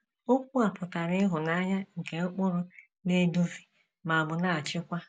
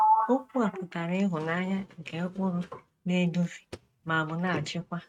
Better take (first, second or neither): first